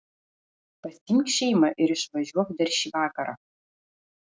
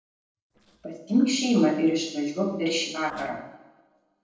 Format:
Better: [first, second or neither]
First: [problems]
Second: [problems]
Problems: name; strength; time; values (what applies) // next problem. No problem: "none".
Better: first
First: none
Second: noise reduction (neural separator model SepFormer DNS4)